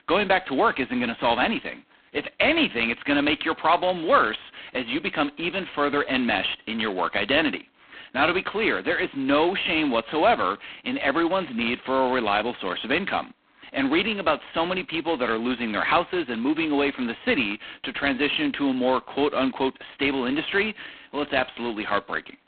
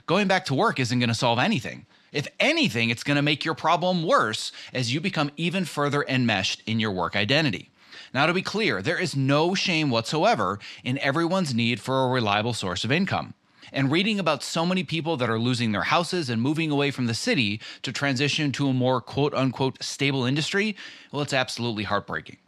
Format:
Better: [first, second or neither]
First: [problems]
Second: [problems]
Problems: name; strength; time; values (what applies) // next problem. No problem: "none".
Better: second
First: phone-call audio; poor line; nothing above 4 kHz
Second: none